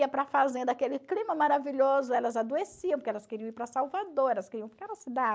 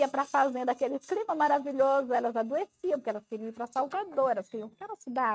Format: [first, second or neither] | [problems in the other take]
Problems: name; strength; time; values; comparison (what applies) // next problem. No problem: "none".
first | noise reduction (neural mask model RNNoise)